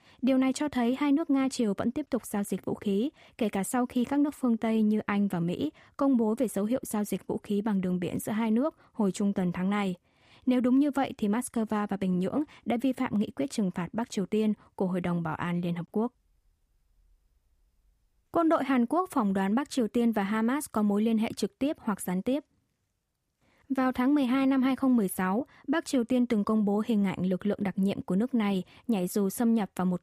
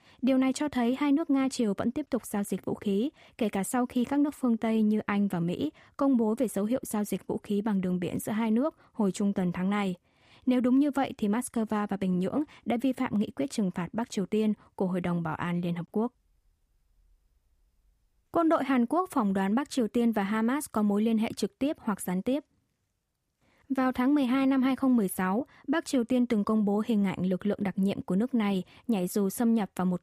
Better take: neither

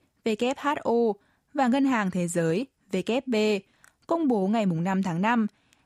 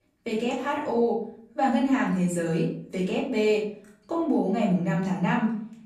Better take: first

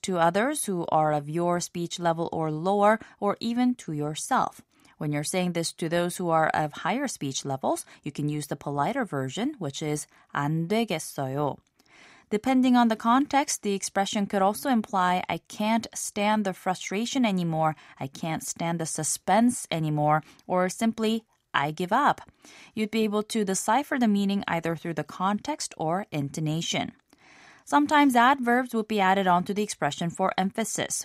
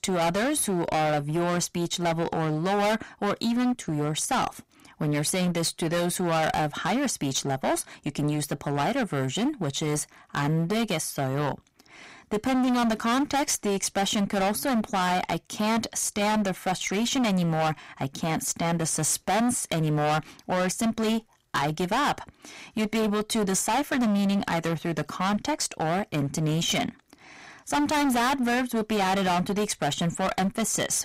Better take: first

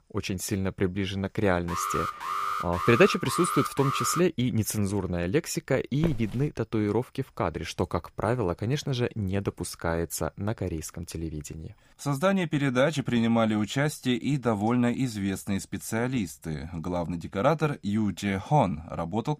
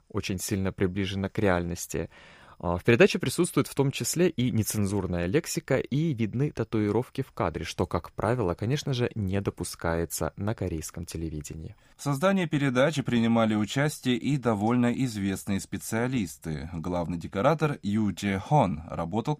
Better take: second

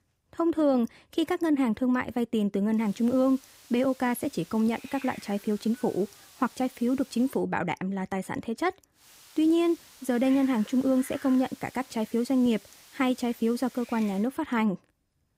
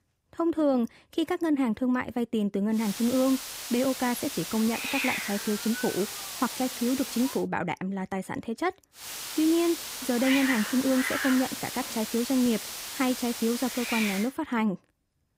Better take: first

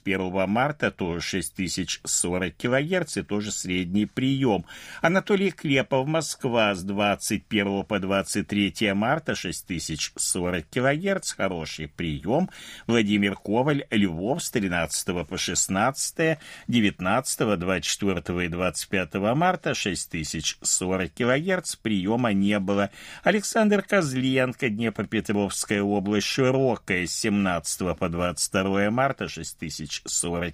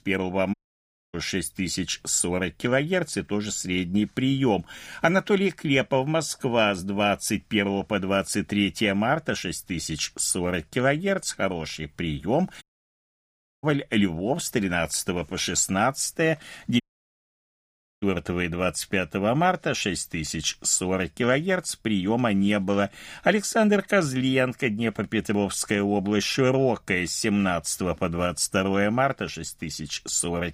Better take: first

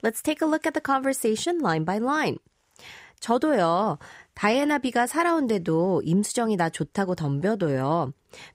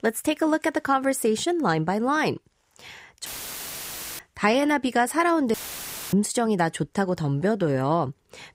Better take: first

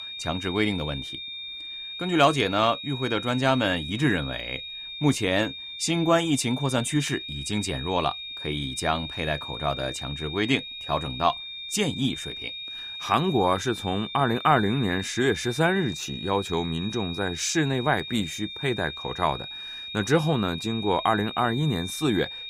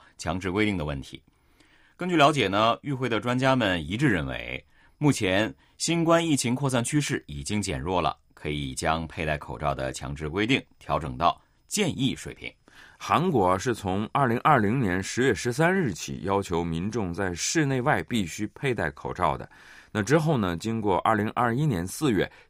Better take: second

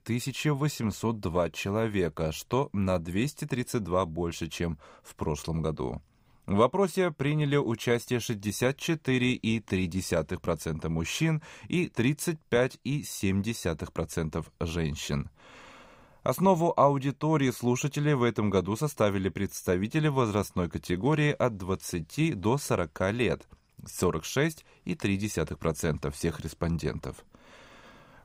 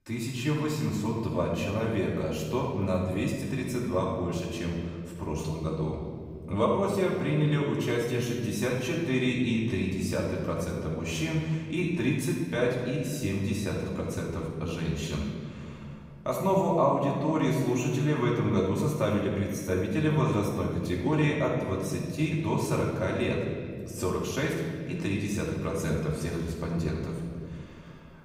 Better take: first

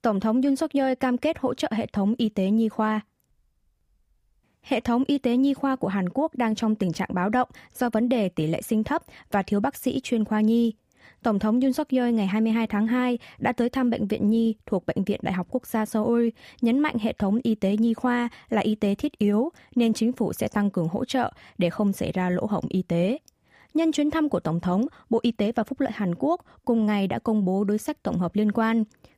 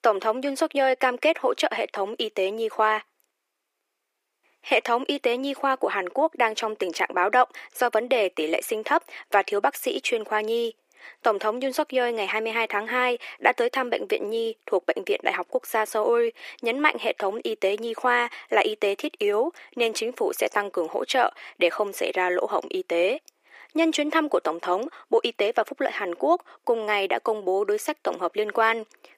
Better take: first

